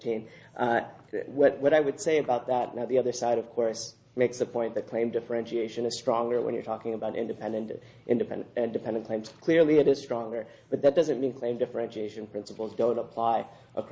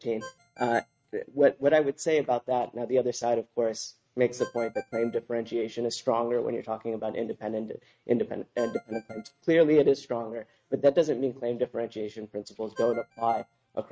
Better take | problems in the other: first | noise reduction (neural mask model RNNoise)

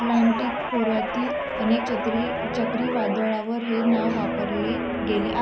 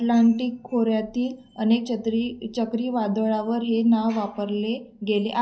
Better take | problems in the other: second | background sound (Guitar); 2 dB below the speech

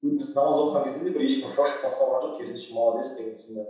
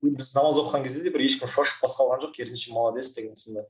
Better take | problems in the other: second | room echo; dies away in 0.7 s

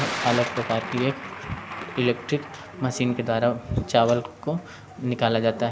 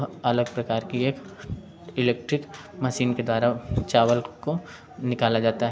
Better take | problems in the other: second | background sound (Thunder); 11 dB below the speech

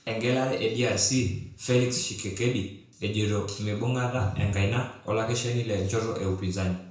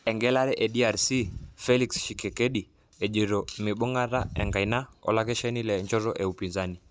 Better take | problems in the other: second | room echo; dies away in 0.5 s

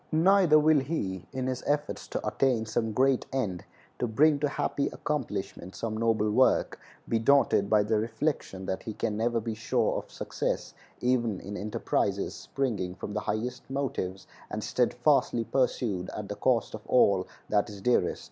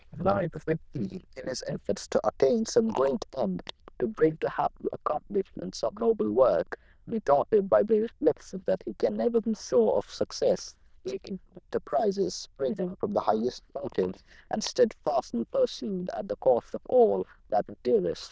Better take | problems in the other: first | noise reduction (neural diffusion model UNIVERSE++)

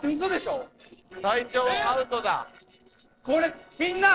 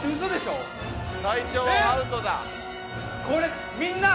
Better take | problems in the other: second | noise reduction (neural separator model SepFormer DNS4)

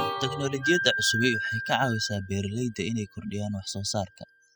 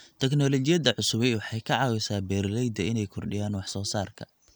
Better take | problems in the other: second | noise reduction (classical method spectral subtraction)

